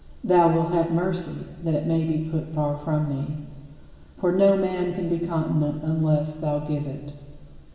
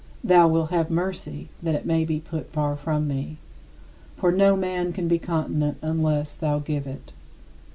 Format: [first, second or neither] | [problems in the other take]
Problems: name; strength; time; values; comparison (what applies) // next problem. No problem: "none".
second | room echo; dies away in 1.9 s